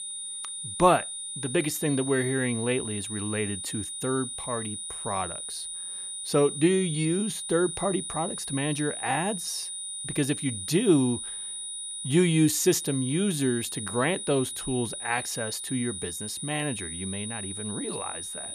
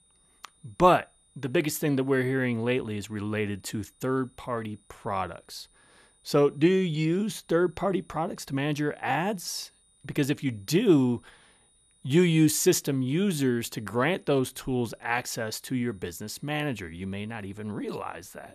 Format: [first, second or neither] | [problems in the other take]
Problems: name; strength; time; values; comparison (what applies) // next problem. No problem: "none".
second | high-pitched whine; loud; throughout; 9.5 kHz, 5 dB below the speech; faint in the second